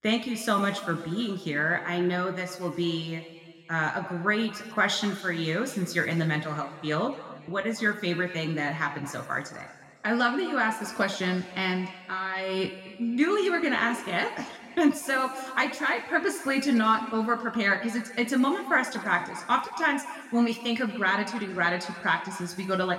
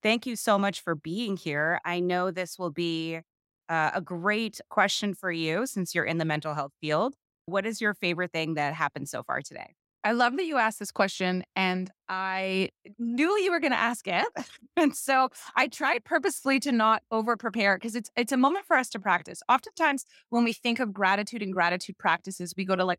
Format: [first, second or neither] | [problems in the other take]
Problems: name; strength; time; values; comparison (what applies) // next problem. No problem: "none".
second | room echo; slight; dies away in 1.9 s